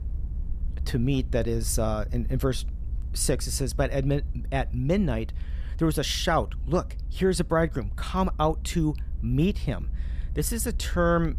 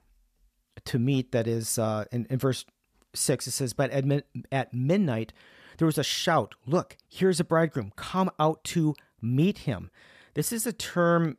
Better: second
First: low rumble; faint; throughout; 25 dB below the speech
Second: none

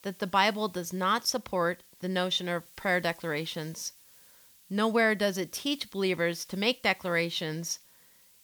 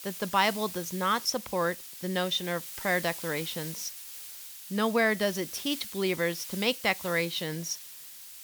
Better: first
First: hiss; faint; throughout; 25 dB below the speech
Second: hiss; loud; throughout; 10 dB below the speech

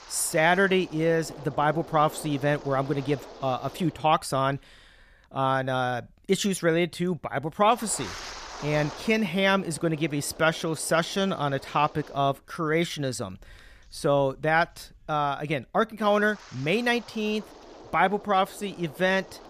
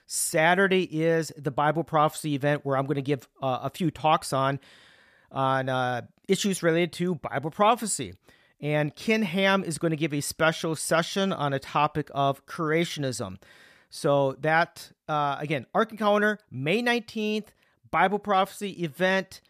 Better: second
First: wind noise on the microphone; occasional gusts; 20 dB below the speech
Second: none

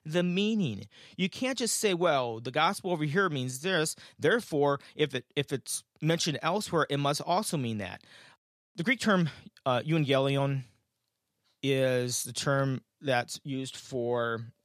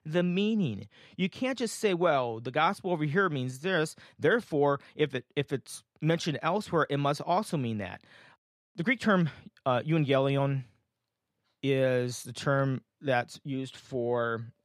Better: first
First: none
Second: muffled; slightly; fading above 3.5 kHz

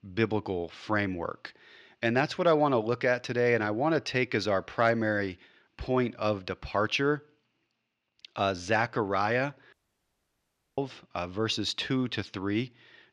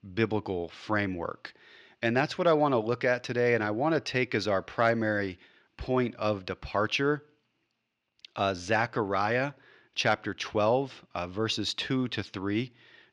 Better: second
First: audio cutting out; at 9.5 s for 1 s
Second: none

